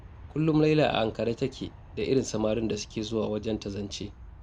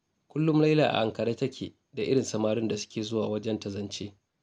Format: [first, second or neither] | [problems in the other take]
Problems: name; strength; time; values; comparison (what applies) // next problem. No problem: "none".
second | background sound (Aircraft); 18 dB below the speech